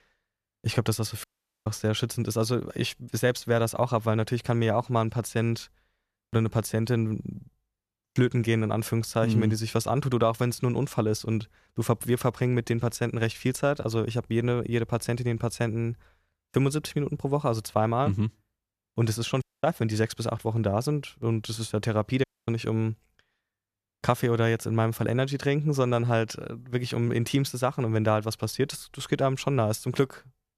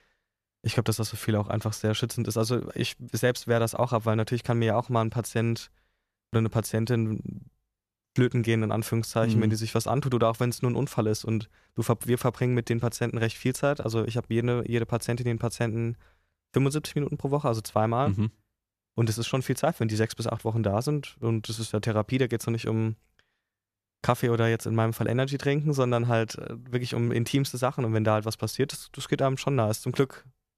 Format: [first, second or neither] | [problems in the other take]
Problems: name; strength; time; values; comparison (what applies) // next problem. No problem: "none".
second | audio cutting out; at 1 s, at 19 s and at 22 s